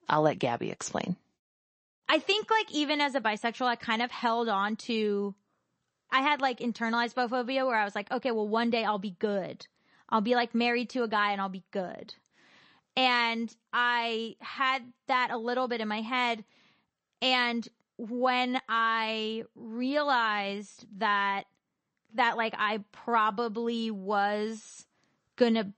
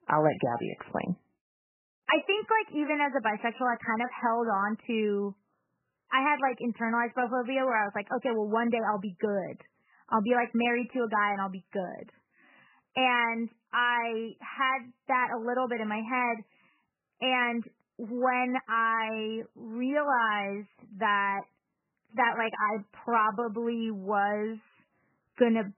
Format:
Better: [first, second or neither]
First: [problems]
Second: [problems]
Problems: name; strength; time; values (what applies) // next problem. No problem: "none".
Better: first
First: garbled, watery; slightly; nothing above 8 kHz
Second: garbled, watery; badly; nothing above 3 kHz